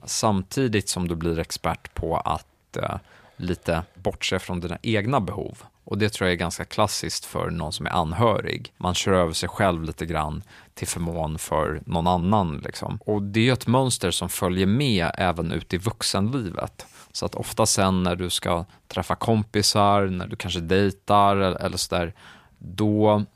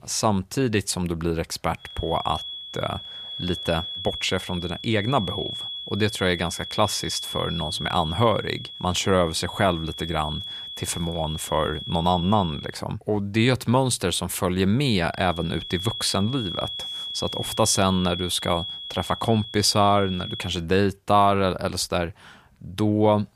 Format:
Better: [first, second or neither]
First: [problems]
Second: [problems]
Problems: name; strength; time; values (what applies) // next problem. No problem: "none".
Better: first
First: none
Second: high-pitched whine; loud; from 2 to 13 s and from 15 to 21 s; 3.5 kHz, 8 dB below the speech